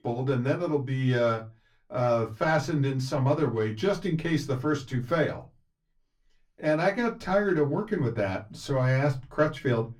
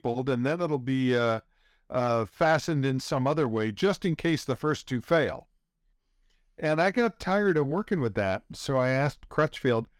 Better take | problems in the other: second | off-mic speech; far // room echo; very slight; dies away in 0.2 s

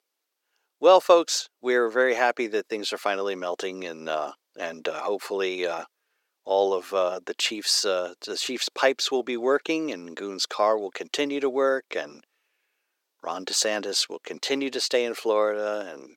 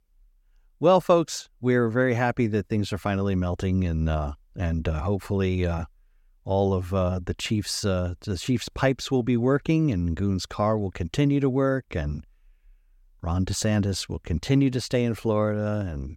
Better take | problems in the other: second | thin; very; fading below 400 Hz

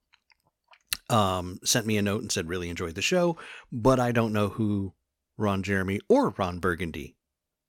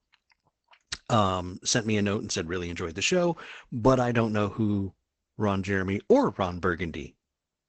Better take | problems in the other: first | garbled, watery; badly; nothing above 8 kHz

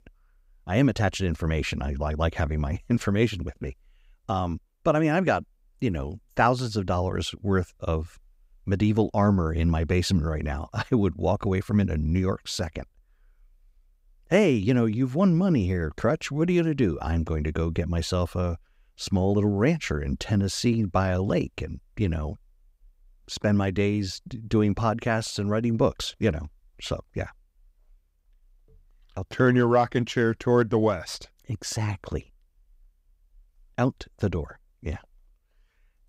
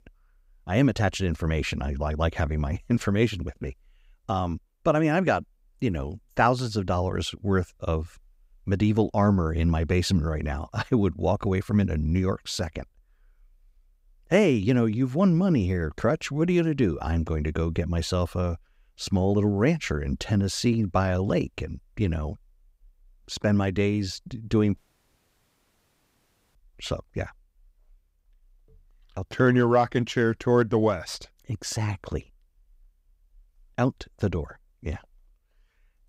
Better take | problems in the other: first | audio cutting out; at 25 s for 2 s

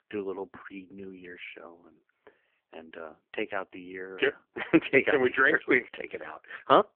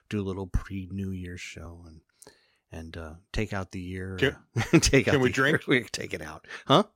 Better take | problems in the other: second | phone-call audio; poor line

